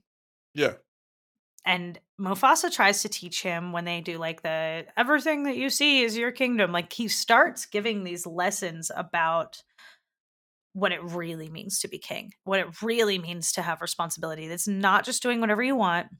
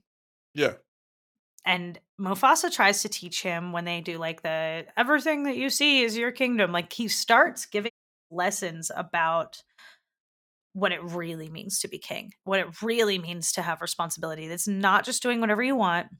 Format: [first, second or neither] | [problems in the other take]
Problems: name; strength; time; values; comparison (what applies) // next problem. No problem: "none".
first | audio cutting out; at 8 s